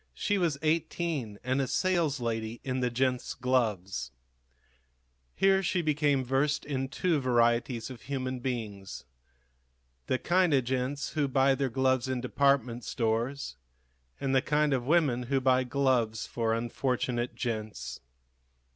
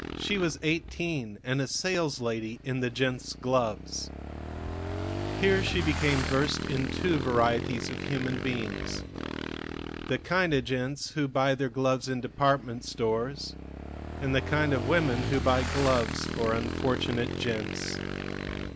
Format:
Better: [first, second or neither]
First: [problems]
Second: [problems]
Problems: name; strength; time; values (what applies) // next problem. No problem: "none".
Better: first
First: none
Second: background sound (Motorcycle / Engine); 5 dB below the speech